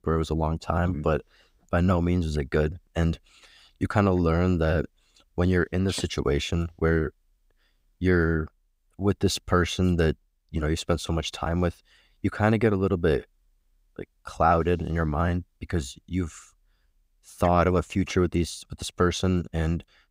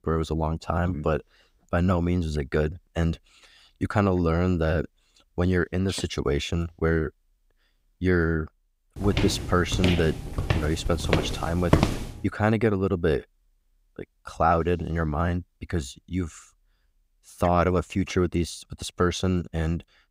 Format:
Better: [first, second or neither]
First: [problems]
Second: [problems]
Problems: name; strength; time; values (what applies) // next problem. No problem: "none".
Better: first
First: none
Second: footsteps; loud; from 9 to 12 s; peak 3 dB above the speech